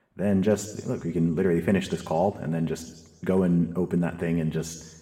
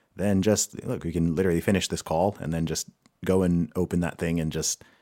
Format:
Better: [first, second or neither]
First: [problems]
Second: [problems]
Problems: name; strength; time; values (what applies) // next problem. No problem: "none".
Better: second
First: room echo; slight; dies away in 1.1 s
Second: none